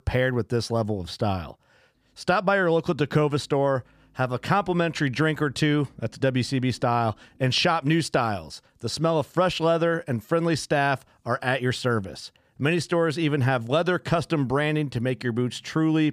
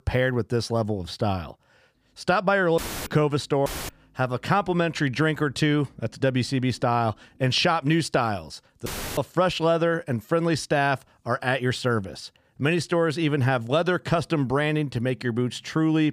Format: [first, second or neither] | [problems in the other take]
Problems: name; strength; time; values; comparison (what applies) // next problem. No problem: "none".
first | audio cutting out; filled with static; at 3 s, at 3.5 s and at 9 s